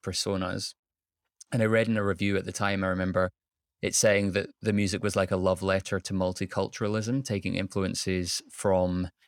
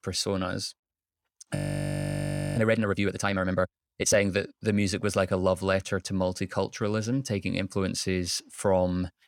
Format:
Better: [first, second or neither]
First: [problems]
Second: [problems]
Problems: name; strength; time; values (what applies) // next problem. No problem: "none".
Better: first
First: none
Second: audio freezing; at 1.5 s for 1 s